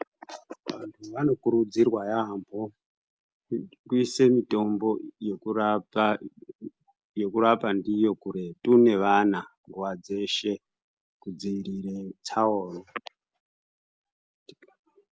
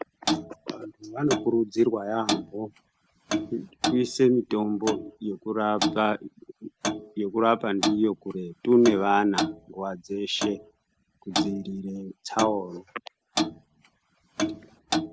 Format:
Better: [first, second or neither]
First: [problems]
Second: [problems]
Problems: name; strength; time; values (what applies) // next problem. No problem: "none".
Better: first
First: none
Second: background sound (Clock); 5 dB below the speech